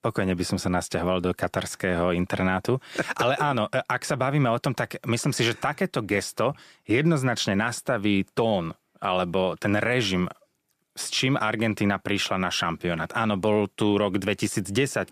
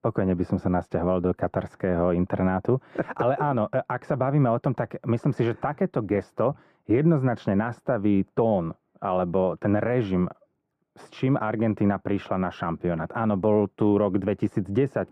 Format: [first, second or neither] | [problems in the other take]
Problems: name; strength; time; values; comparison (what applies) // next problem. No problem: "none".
first | muffled; very; fading above 2 kHz